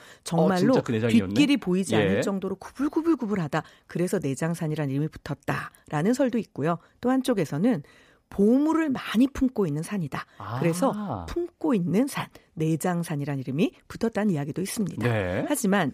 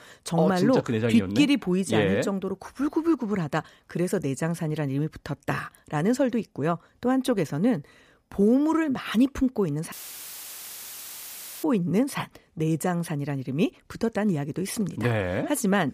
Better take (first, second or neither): first